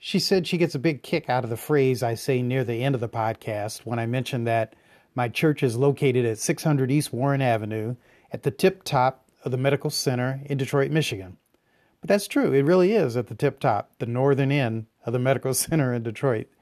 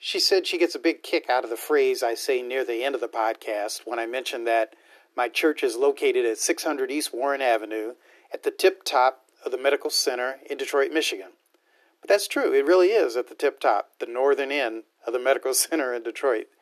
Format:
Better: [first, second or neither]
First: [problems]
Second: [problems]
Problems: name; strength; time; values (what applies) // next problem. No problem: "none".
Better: first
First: none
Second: thin; very; fading below 300 Hz